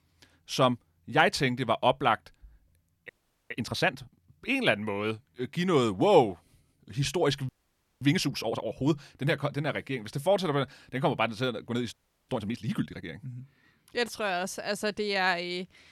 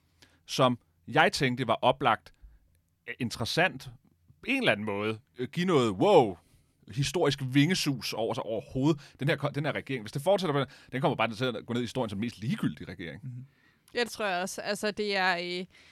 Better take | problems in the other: second | audio freezing; at 3 s, at 7.5 s for 0.5 s and at 12 s

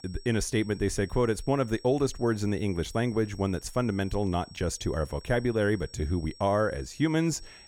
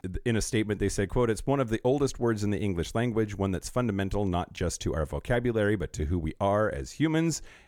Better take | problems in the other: second | high-pitched whine; faint; throughout; 5.5 kHz, 20 dB below the speech

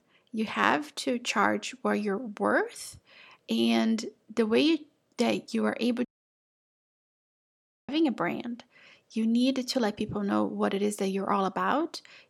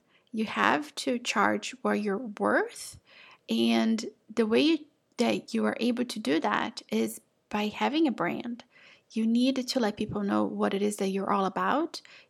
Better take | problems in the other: second | audio cutting out; at 6 s for 2 s

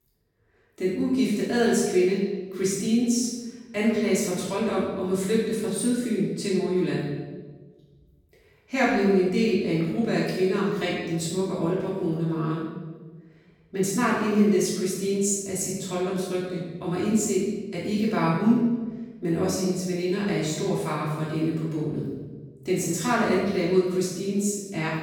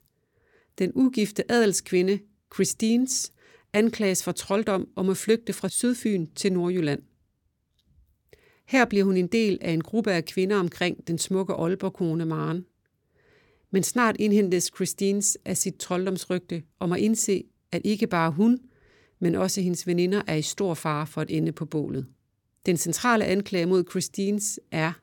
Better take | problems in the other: second | off-mic speech; far // room echo; strong; dies away in 1.1 s

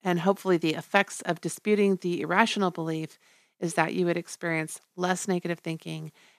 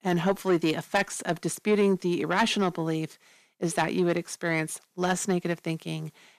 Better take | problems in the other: first | distortion; slight; 10 dB below the speech

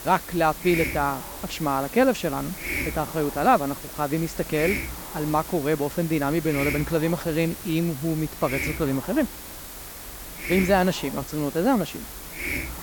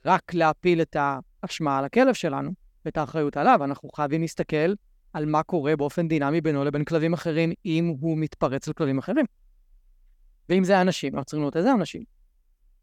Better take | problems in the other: second | hiss; loud; throughout; 8 dB below the speech

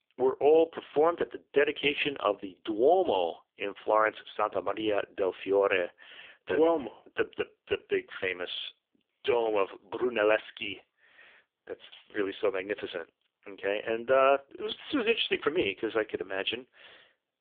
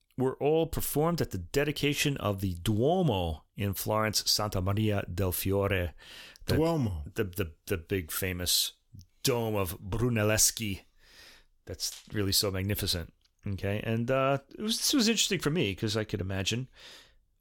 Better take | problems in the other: second | phone-call audio; poor line; nothing above 3.5 kHz

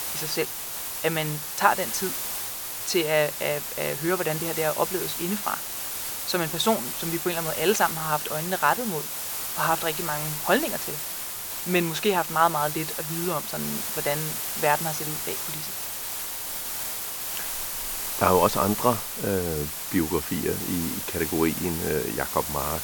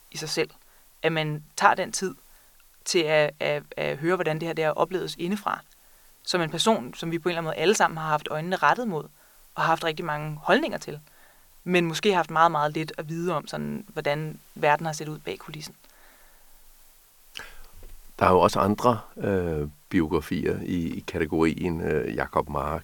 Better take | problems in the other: second | hiss; loud; throughout; 3 dB below the speech; faint in the second

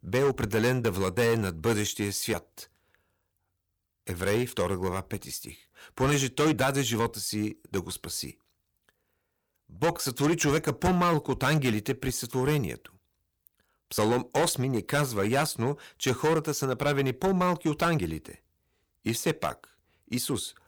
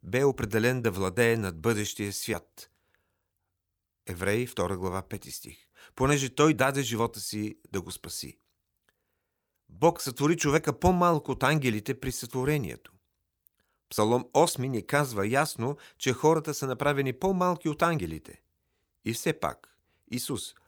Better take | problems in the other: second | distortion; heavy; 6% of the sound clipped

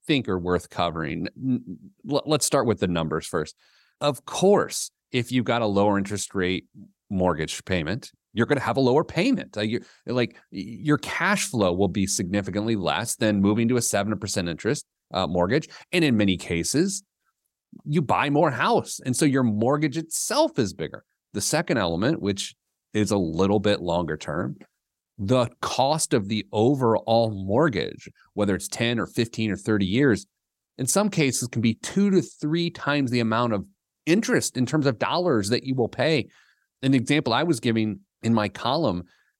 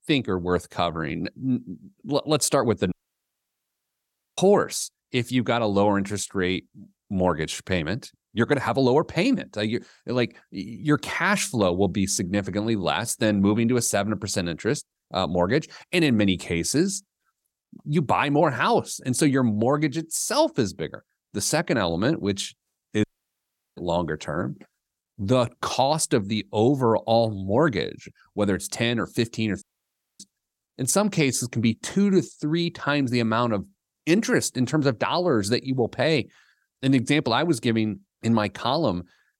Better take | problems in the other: first | audio cutting out; at 3 s for 1.5 s, at 23 s for 0.5 s and at 30 s for 0.5 s

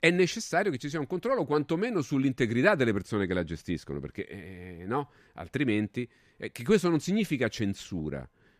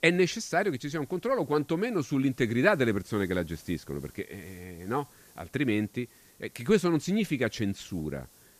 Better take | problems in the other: first | hiss; faint; throughout; 25 dB below the speech

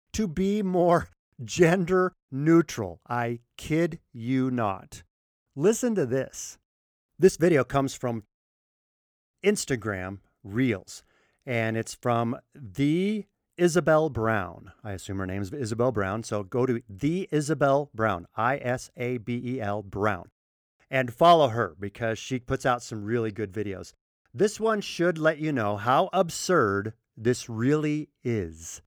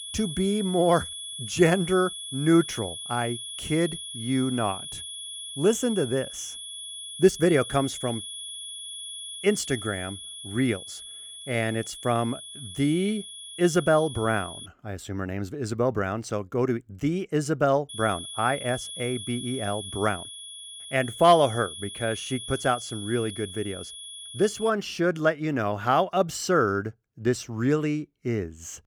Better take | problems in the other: first | high-pitched whine; loud; until 15 s and from 18 to 25 s; 3.5 kHz, 10 dB below the speech

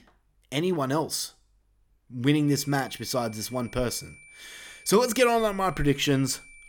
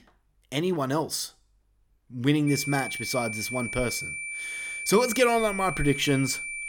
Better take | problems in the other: first | high-pitched whine; loud; from 2.5 s on; 2.5 kHz, 6 dB below the speech; faint in the first

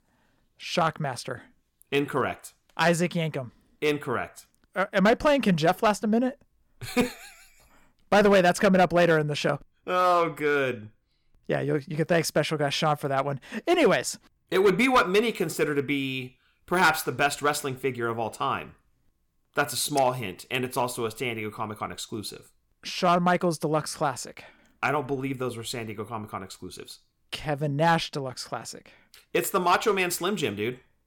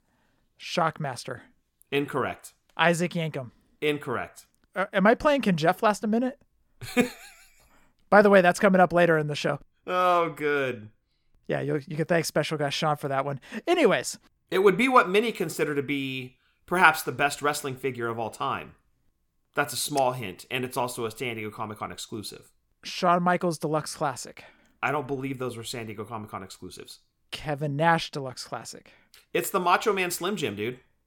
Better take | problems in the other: second | distortion; slight; 1.8% of the sound clipped

